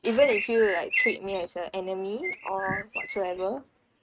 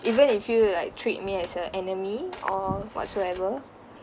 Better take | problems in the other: second | noise reduction (neural mask model RNNoise)

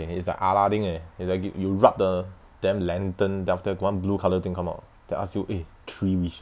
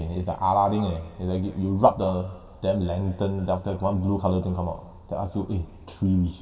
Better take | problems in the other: first | room echo; dies away in 2 s

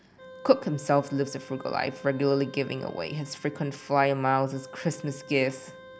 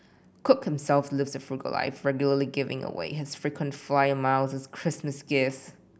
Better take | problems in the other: second | background sound (Wind instrument, woodwind instrument); 20 dB below the speech

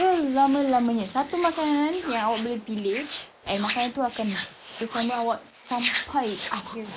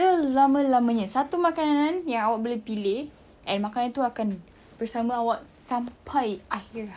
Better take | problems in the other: second | noise reduction (neural mask model Resemble Enhance denoiser)

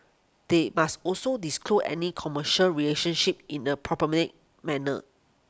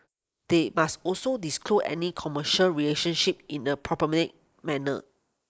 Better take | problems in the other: first | noise reduction (neural mask model Resemble Enhance denoiser)

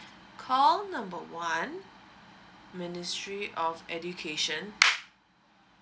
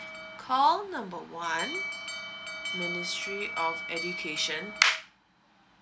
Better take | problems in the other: first | background sound (Alarm); 7 dB below the speech

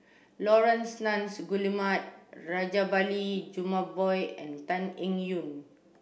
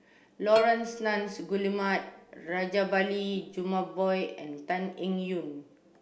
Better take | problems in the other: first | background sound (Plucked string instrument); 14 dB below the speech

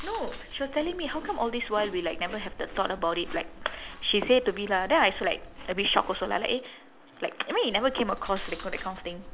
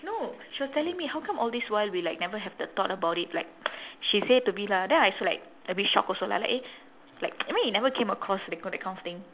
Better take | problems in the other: second | background sound (Chewing, mastication); 13 dB below the speech

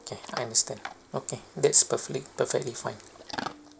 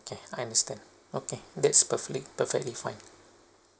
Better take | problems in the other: second | background sound (Chewing, mastication / Dog); 14 dB below the speech

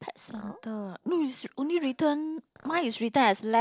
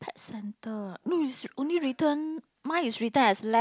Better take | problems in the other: second | noise reduction (neural separator model SepFormer DNS4)

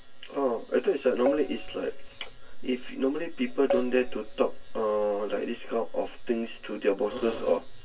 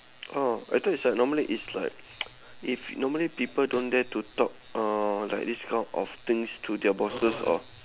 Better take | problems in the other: second | background sound (Keyboard (musical)); 7 dB below the speech // room echo; dies away in 0.1 s

